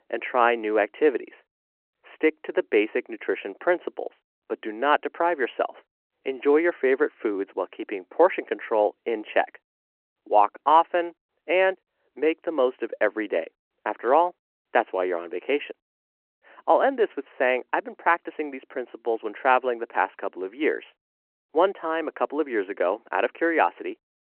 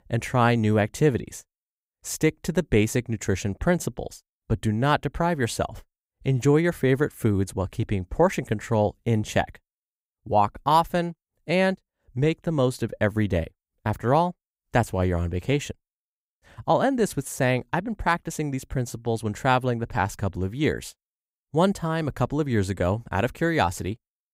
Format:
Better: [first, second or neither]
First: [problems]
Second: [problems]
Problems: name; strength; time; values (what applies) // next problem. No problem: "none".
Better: second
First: phone-call audio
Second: none